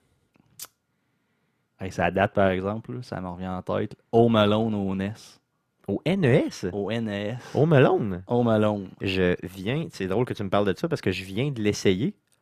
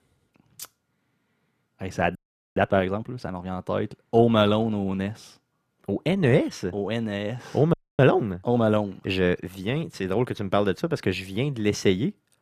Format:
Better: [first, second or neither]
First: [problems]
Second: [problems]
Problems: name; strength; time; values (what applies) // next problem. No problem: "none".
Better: first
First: none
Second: audio freezing; at 2 s and at 7.5 s